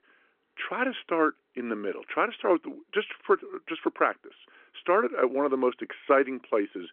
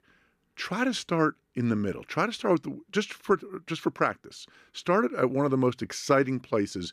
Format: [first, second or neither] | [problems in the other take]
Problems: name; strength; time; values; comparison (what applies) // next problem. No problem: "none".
second | phone-call audio; nothing above 3.5 kHz